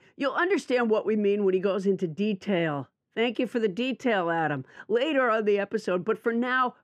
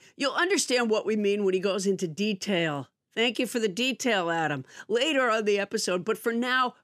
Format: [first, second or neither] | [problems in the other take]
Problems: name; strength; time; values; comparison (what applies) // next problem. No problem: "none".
second | muffled; very; fading above 3.5 kHz